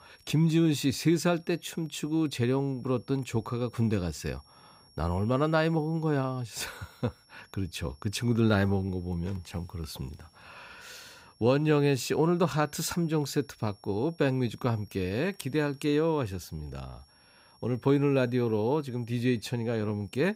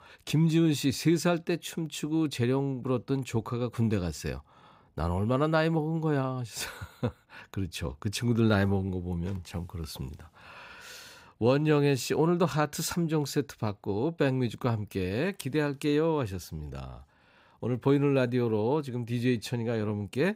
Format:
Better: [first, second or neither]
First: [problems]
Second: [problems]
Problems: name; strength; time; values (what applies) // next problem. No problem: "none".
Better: second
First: high-pitched whine; faint; throughout; 5.5 kHz, 30 dB below the speech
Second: none